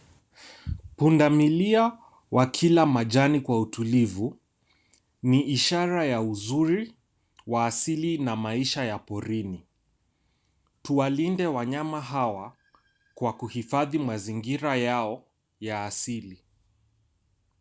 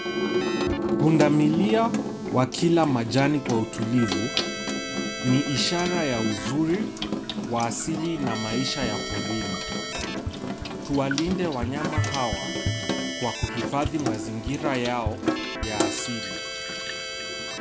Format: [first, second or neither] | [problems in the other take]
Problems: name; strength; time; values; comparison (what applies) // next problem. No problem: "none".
first | background sound (Sink (filling or washing) / Water tap, faucet + Keyboard (musical)); 2 dB below the speech